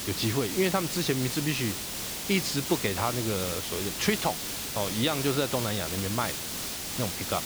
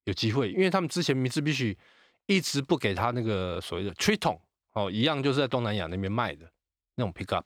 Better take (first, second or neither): second